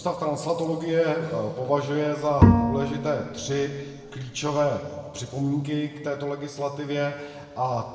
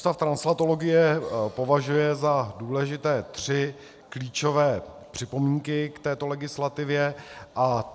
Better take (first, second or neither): second